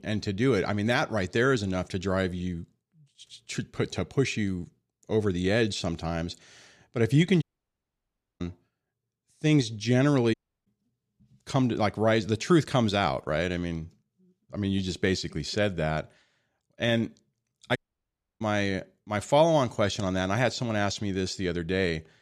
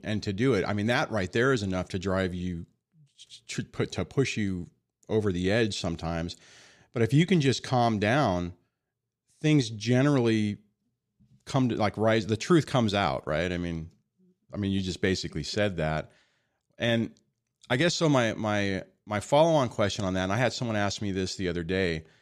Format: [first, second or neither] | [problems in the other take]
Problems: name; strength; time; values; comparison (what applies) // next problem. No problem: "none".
second | audio cutting out; at 7.5 s for 1 s, at 10 s and at 18 s for 0.5 s